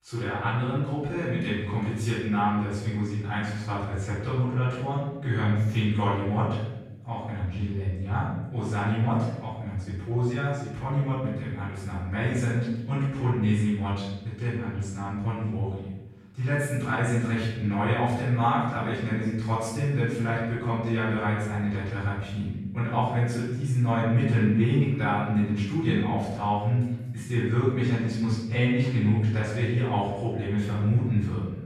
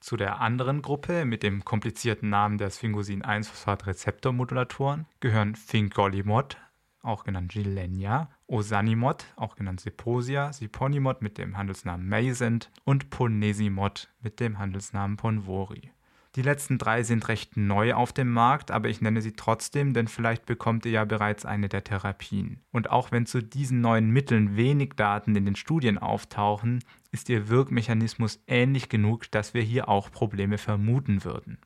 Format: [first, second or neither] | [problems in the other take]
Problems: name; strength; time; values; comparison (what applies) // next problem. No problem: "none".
second | room echo; strong; dies away in 1 s // off-mic speech; far